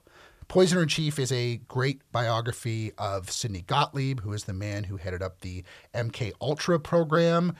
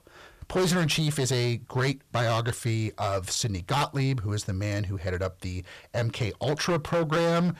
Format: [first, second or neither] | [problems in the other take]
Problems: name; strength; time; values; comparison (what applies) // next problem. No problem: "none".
first | distortion; heavy; 12% of the sound clipped